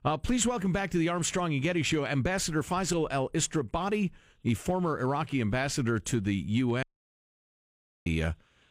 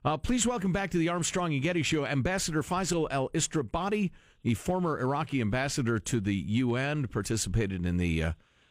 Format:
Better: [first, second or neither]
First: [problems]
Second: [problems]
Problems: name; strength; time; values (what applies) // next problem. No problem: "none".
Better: second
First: audio cutting out; at 7 s for 1 s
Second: none